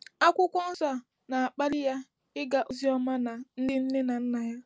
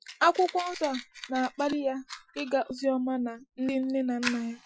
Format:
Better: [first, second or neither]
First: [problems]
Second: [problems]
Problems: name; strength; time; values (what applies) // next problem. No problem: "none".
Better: first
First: none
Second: noise reduction (classical method Wiener filter)